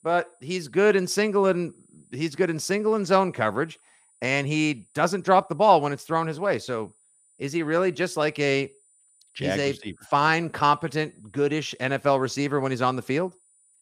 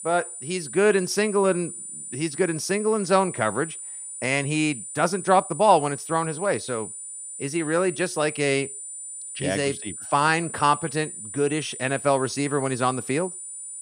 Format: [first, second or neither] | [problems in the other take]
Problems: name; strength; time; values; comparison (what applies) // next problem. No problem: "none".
first | high-pitched whine; loud; throughout; 9 kHz, 9 dB below the speech; faint in the first